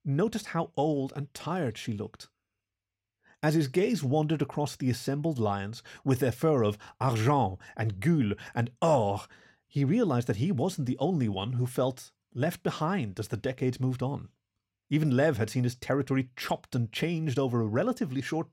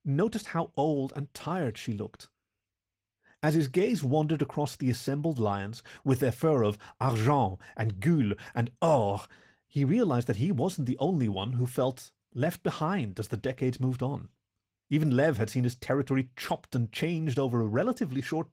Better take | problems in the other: first | garbled, watery; slightly; nothing above 16 kHz

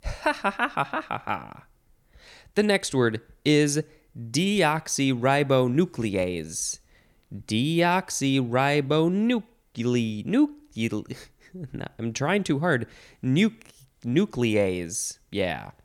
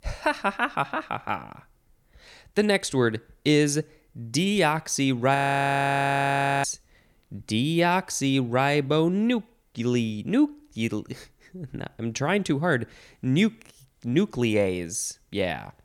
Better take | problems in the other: first | audio freezing; at 5.5 s for 1.5 s

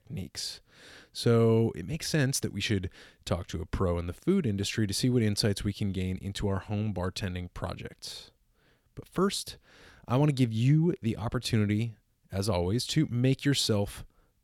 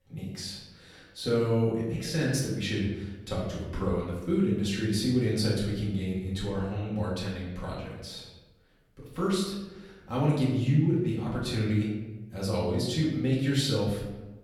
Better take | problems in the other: first | off-mic speech; far // room echo; noticeable; dies away in 0.9 s

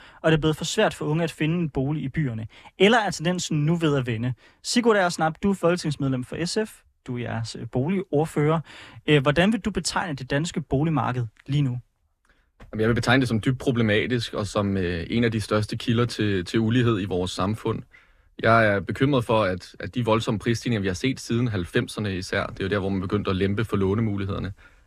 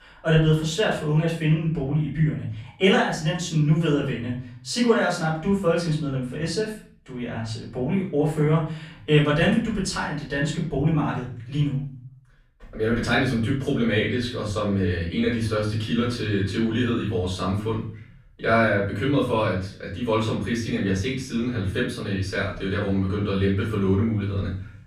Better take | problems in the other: first | off-mic speech; far // room echo; slight; dies away in 0.4 s

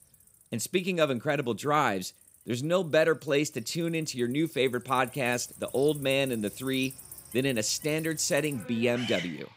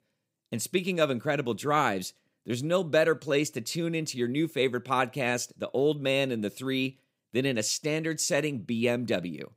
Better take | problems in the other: second | animal sounds; noticeable; throughout; 15 dB below the speech

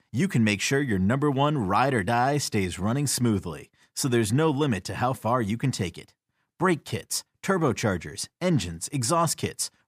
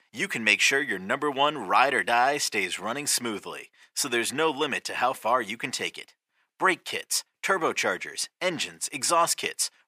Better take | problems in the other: first | thin; very; fading below 500 Hz

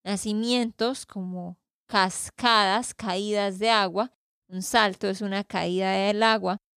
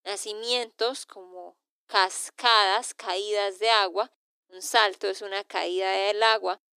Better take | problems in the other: first | thin; very; fading below 300 Hz

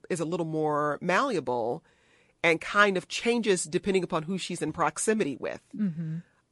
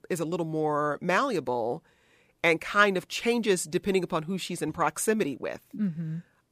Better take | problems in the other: second | garbled, watery; slightly; nothing above 11 kHz

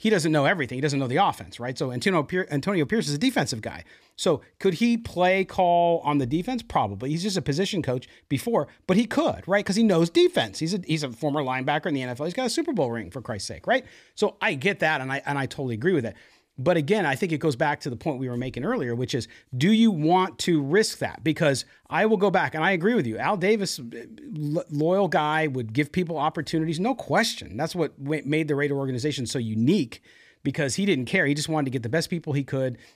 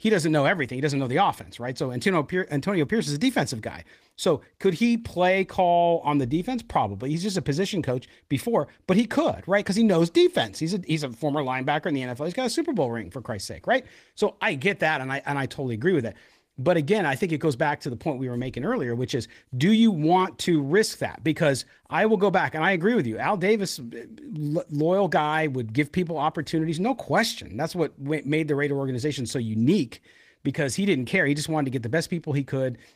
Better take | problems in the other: first | garbled, watery; slightly; nothing above 15 kHz

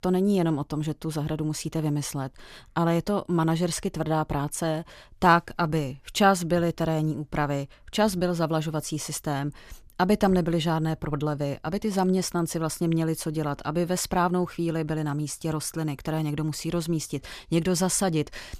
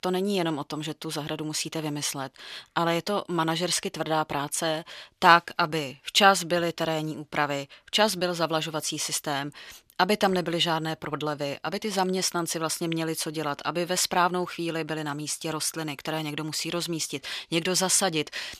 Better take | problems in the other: first | thin; somewhat; fading below 900 Hz

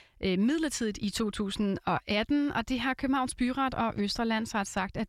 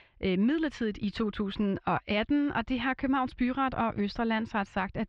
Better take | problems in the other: first | muffled; slightly; fading above 3 kHz

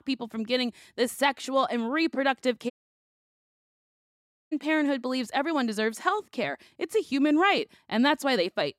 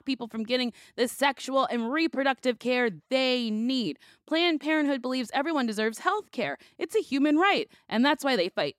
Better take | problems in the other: second | audio cutting out; at 2.5 s for 2 s

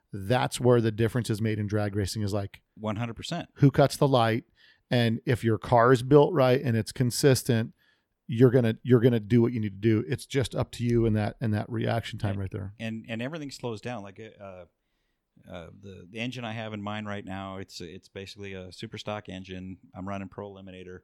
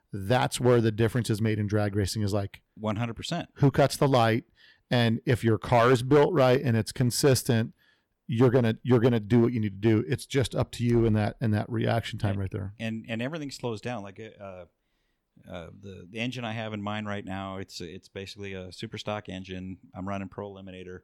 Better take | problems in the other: first | distortion; slight; 3% of the sound clipped

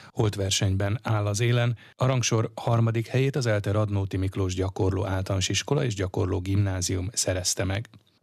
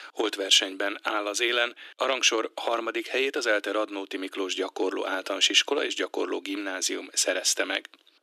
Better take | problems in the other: first | thin; very; fading below 300 Hz

